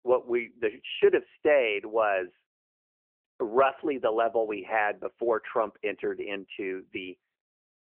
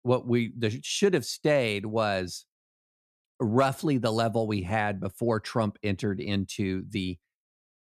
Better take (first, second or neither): second